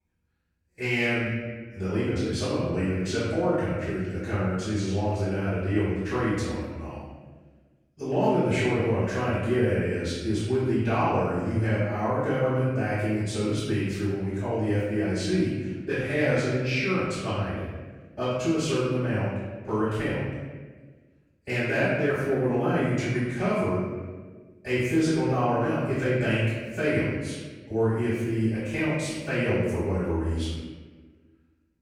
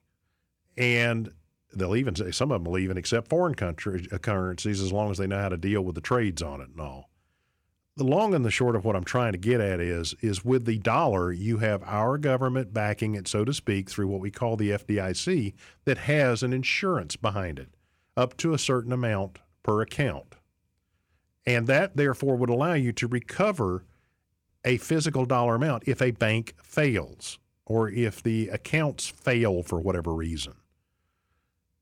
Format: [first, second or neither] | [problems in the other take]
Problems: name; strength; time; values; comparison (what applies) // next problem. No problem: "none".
second | off-mic speech; far // room echo; strong; dies away in 1.3 s